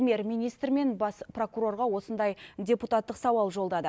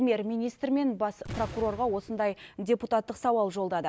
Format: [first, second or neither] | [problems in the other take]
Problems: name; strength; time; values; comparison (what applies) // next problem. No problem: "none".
first | background sound (Boom); 14 dB below the speech